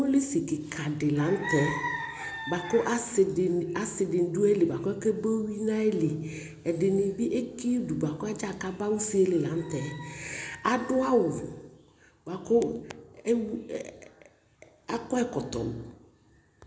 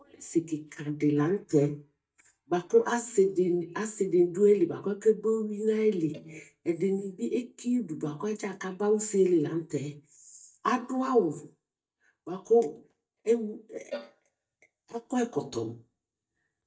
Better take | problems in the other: first | noise reduction (neural mask model DeepFilterNet 3)

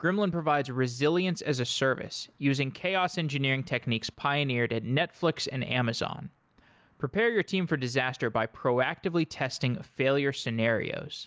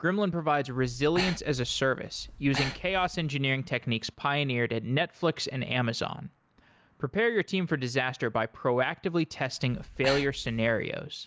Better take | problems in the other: first | background sound (Breathing); 10 dB below the speech

